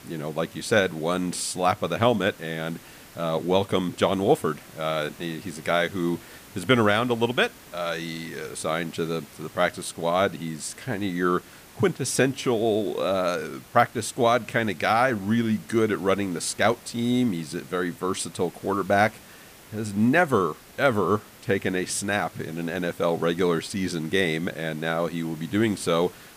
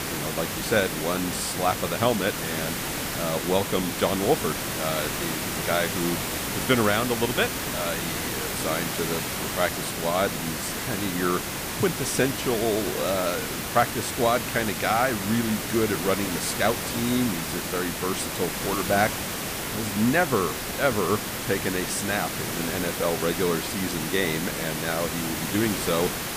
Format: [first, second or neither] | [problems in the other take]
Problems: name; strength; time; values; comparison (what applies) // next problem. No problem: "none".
first | hiss; loud; throughout; 2 dB below the speech; faint in the first